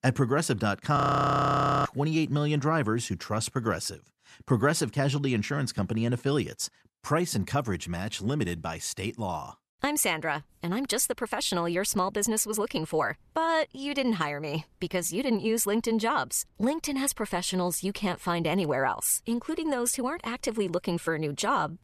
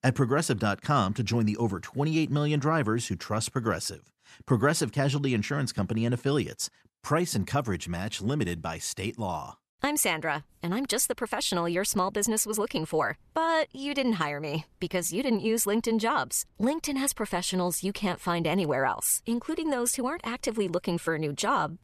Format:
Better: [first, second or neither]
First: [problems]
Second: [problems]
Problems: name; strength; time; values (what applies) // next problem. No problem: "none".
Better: second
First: audio freezing; at 1 s for 1 s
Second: none